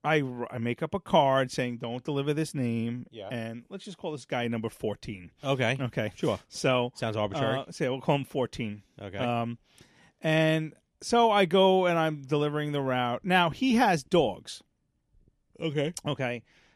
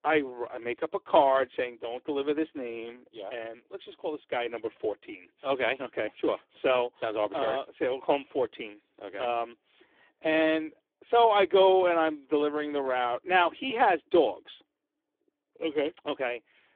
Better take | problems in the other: first | phone-call audio; poor line; nothing above 3.5 kHz

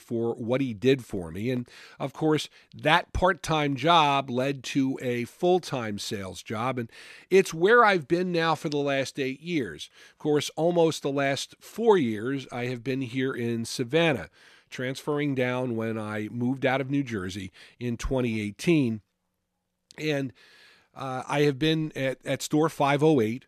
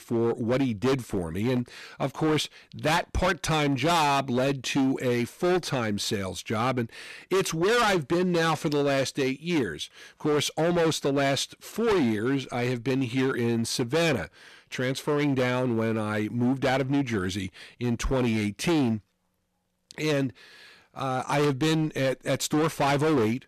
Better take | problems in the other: first | distortion; heavy; 15% of the sound clipped

